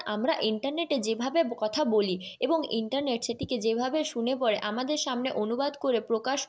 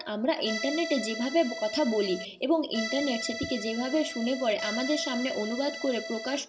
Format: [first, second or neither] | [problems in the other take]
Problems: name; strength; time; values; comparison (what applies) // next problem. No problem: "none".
first | background sound (Accordion); 7 dB below the speech // room echo; dies away in 2.1 s